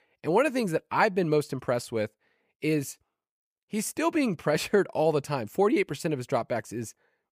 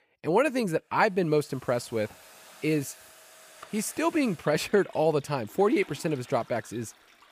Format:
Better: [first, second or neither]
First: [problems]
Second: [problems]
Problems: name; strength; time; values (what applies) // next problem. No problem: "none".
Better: first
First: none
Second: household noises; faint; from 1.5 s on; 20 dB below the speech